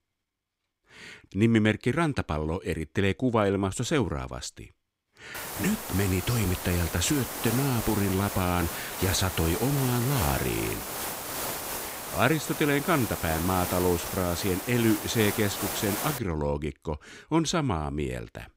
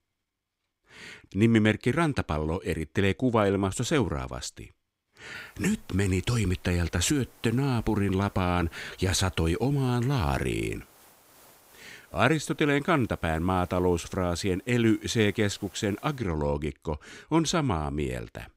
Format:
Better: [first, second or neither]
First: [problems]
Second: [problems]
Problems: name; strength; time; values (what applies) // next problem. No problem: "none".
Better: second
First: hiss; loud; from 5.5 to 16 s; 5 dB below the speech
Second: hiss; faint; from 5.5 to 16 s; 30 dB below the speech